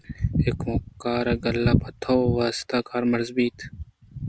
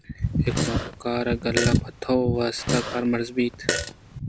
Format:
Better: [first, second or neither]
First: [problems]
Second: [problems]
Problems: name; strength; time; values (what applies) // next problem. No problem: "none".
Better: first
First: none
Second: background sound (Fart); 6 dB below the speech